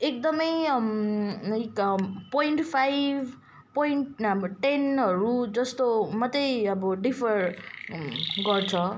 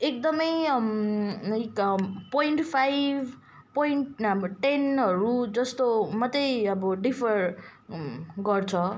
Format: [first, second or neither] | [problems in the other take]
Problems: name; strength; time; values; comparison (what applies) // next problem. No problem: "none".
second | background sound (Chirp, tweet); 9 dB below the speech